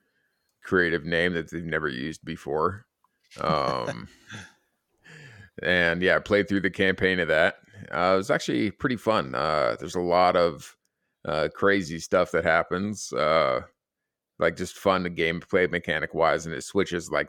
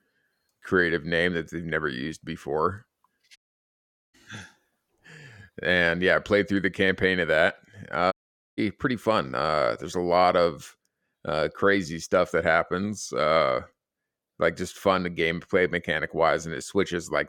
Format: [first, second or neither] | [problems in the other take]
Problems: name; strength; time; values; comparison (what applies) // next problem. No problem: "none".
first | audio cutting out; at 3.5 s for 1 s and at 8 s